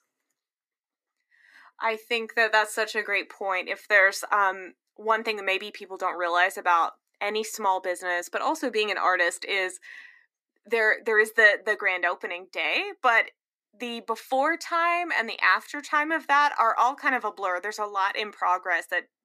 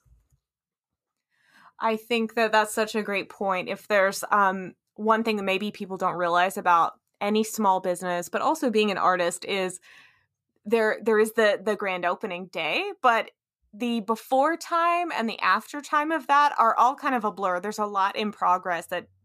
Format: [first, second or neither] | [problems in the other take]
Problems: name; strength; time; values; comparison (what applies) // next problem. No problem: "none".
second | thin; somewhat; fading below 250 Hz